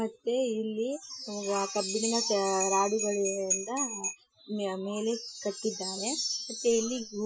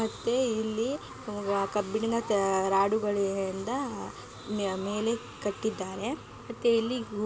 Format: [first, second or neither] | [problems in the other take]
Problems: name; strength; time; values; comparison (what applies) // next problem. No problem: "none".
second | noise reduction (classical method Wiener filter)